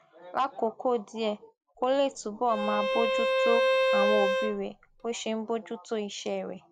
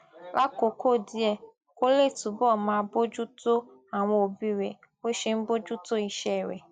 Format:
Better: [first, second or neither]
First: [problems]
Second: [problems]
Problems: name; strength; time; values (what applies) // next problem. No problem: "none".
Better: second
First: background sound (Bowed string instrument); 3 dB above the speech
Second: none